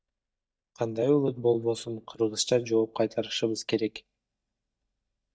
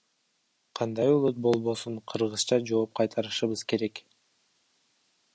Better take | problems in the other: second | noise reduction (neural mask model DeepFilterNet 3)

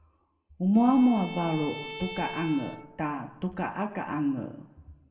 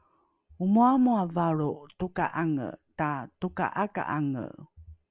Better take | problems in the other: second | background sound (Bowed string instrument); 14 dB below the speech // room echo; dies away in 1 s

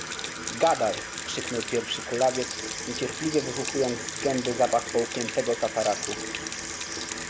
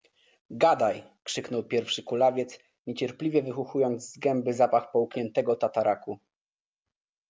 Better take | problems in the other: second | background sound (Sink (filling or washing) / Water tap, faucet); 5 dB below the speech

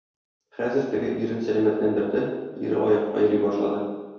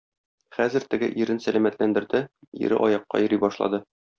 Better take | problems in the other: second | room echo; dies away in 1.2 s

